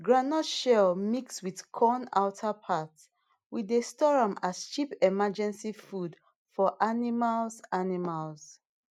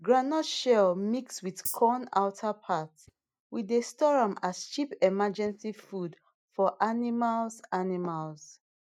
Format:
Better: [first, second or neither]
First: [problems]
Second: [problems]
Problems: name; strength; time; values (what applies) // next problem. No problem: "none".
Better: first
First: none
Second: noise reduction (neural mask model DeepFilterNet 3)